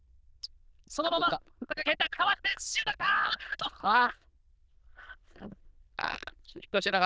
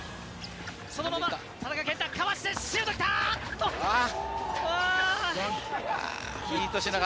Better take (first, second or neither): second